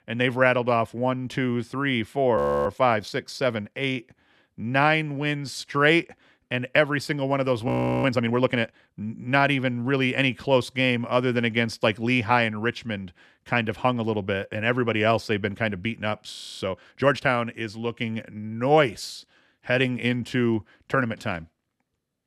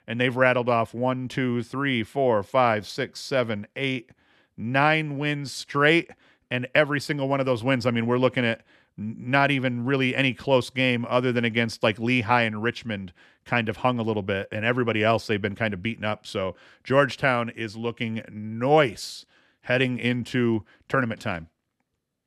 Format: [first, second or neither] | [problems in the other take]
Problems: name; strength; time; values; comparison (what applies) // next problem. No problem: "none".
second | audio freezing; at 2.5 s, at 7.5 s and at 16 s